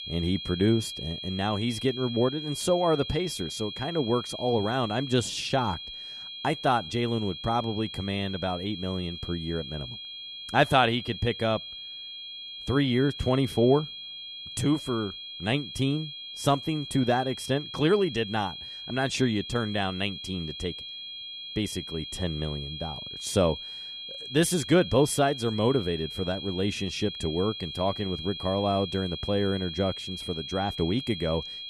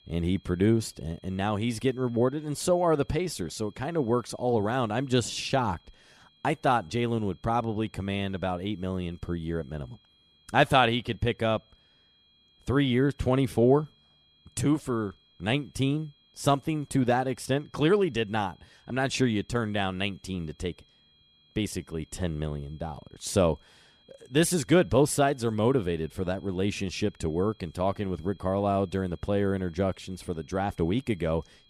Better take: second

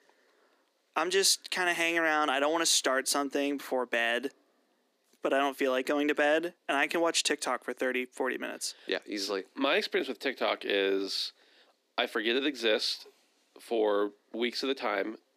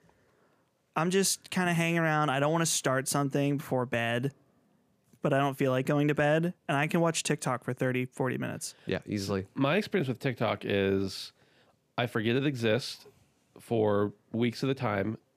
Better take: second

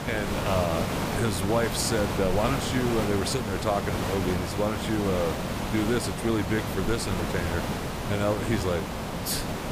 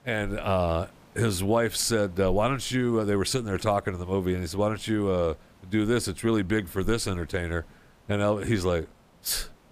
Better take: second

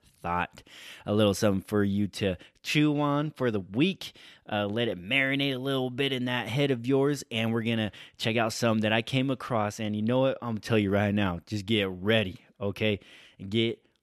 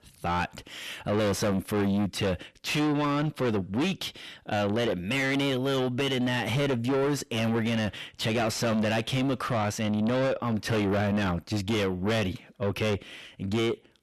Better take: first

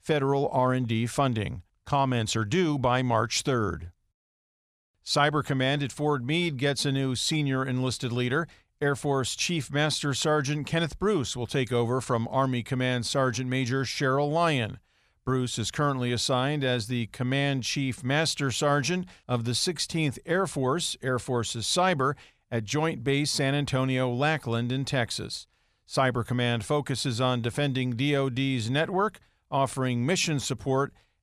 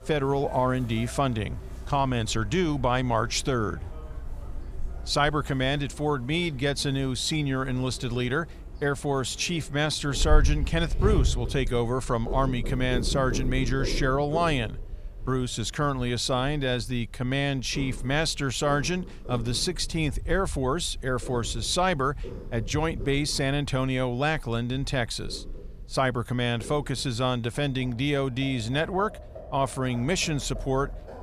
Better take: first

